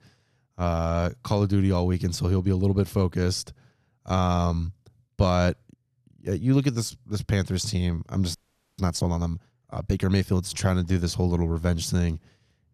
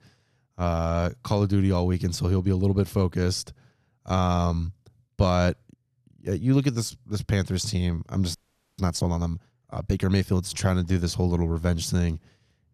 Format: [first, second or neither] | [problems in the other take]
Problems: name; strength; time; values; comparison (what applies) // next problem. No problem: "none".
neither | audio freezing; at 8.5 s; the same in both